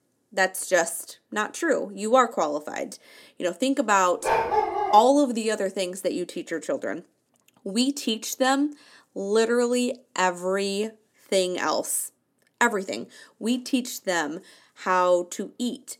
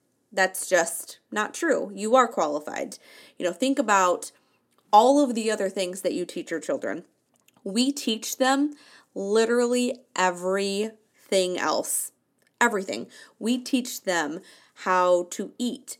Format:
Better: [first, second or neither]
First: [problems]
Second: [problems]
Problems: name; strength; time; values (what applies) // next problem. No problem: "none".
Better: second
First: dog barking; loud; at 4 s; peak 2 dB above the speech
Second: none